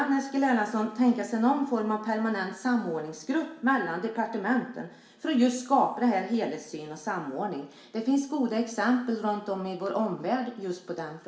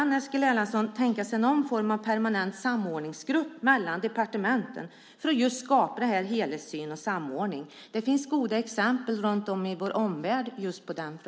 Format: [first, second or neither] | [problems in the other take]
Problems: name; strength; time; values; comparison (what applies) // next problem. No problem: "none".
second | room echo; dies away in 0.6 s